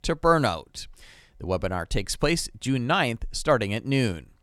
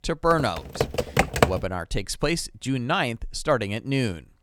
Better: first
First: none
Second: keyboard typing; loud; until 1.5 s; peak 5 dB above the speech

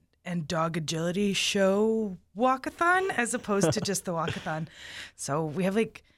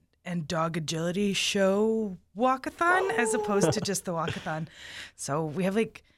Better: first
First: none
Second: dog barking; noticeable; at 3 s; peak 3 dB below the speech

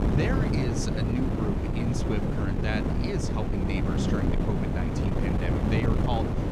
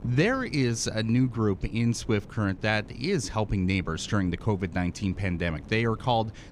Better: second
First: wind noise on the microphone; heavy; 2 dB above the speech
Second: wind noise on the microphone; occasional gusts; 25 dB below the speech

